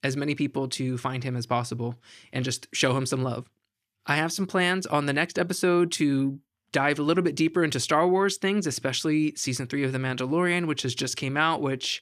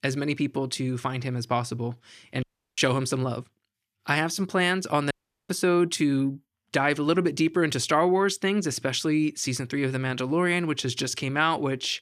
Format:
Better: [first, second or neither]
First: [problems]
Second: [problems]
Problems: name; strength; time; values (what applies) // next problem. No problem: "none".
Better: first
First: none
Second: audio cutting out; at 2.5 s and at 5 s